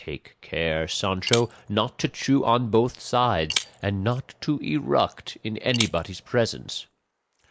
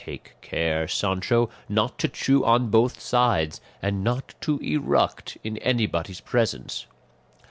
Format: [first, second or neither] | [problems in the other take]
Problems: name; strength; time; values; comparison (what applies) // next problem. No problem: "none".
second | noise reduction (neural mask model Resemble Enhance denoiser)